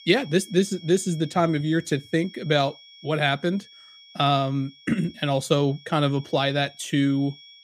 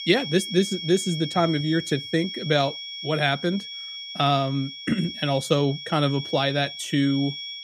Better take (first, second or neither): first